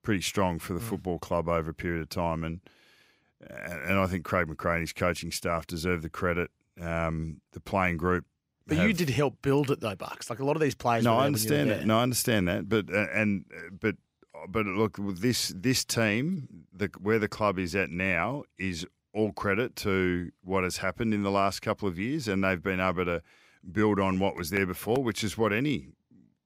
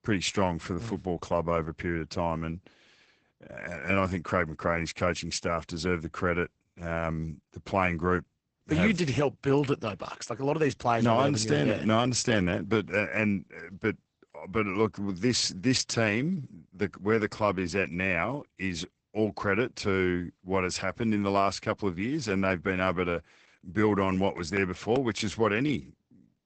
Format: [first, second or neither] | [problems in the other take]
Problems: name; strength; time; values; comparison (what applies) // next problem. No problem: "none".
first | garbled, watery; badly; nothing above 8 kHz